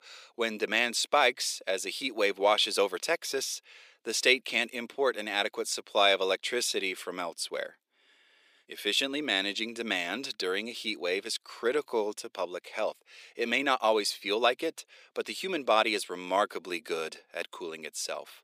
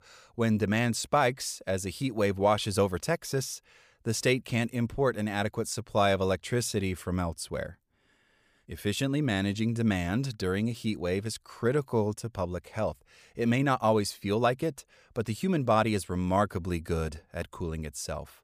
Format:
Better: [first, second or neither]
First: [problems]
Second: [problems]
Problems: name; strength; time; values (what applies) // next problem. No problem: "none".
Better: second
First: thin; somewhat; fading below 300 Hz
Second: none